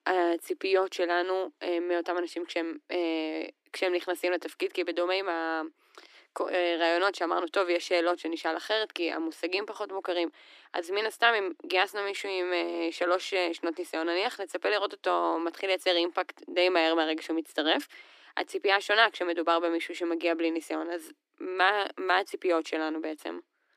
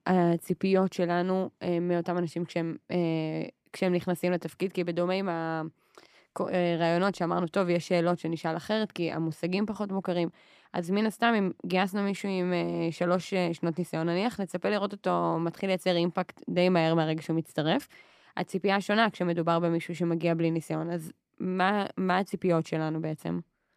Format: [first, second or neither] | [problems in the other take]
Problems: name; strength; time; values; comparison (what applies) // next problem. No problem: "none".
second | thin; very; fading below 300 Hz